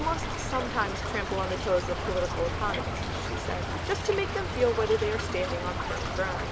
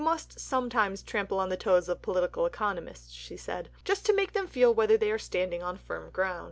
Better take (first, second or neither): second